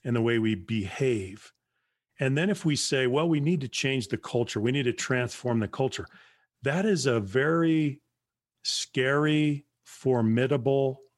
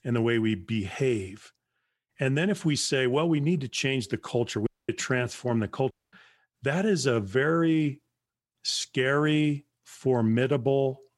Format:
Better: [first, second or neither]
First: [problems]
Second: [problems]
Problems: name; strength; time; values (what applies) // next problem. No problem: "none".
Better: first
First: none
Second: audio cutting out; at 4.5 s and at 6 s